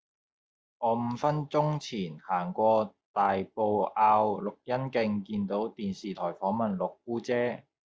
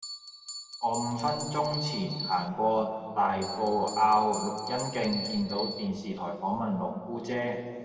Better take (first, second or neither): first